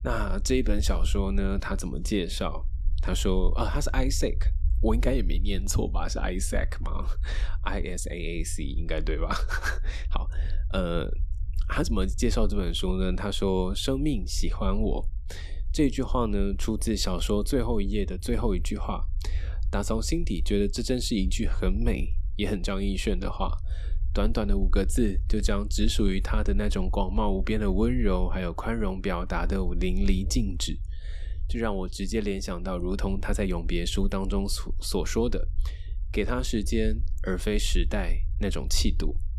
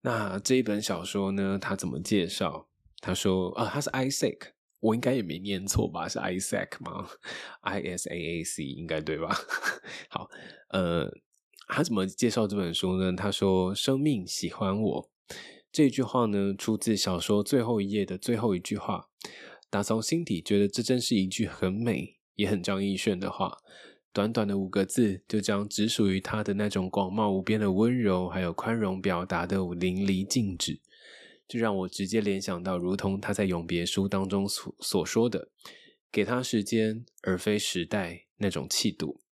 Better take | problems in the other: second | low rumble; faint; throughout; 25 dB below the speech

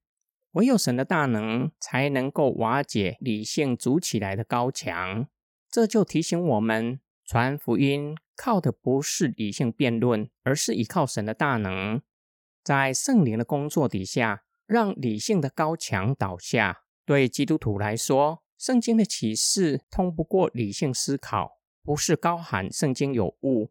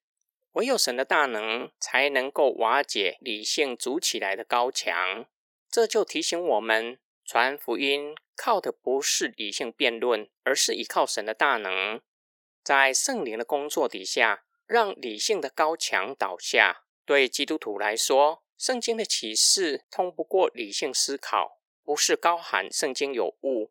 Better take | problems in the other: first | thin; very; fading below 400 Hz

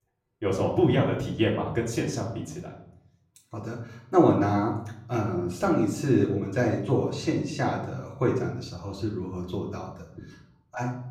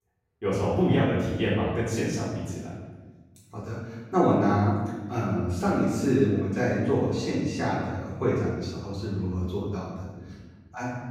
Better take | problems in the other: first | room echo; strong; dies away in 1.2 s; slight in the first // off-mic speech; far; far in the first

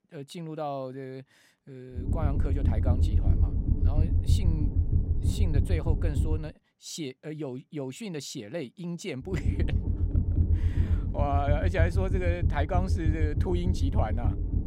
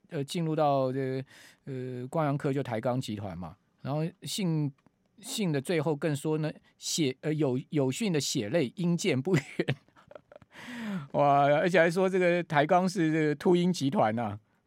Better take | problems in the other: second | low rumble; loud; from 2 to 6.5 s and from 9.5 s on; 6 dB below the speech

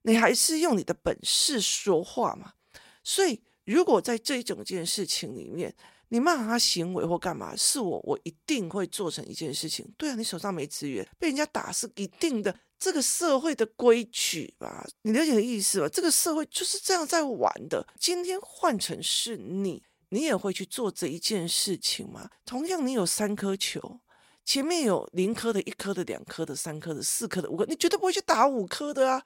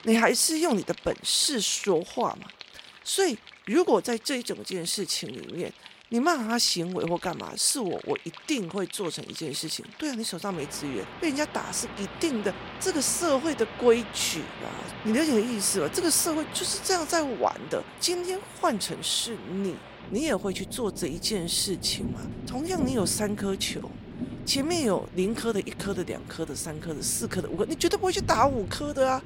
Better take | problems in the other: first | rain or running water; noticeable; throughout; 15 dB below the speech

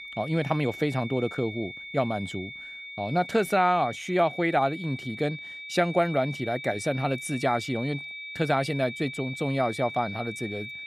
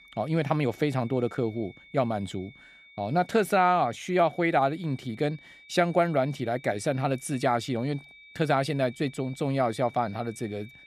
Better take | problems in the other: second | high-pitched whine; loud; throughout; 2.5 kHz, 10 dB below the speech; faint in the second

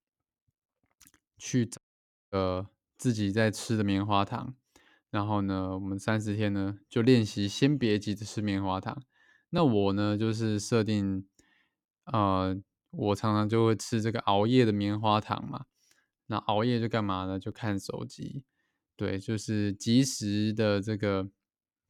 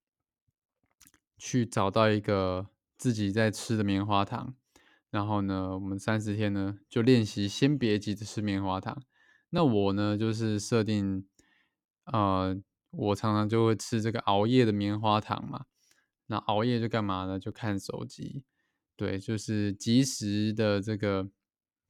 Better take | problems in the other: second | audio cutting out; at 2 s for 0.5 s

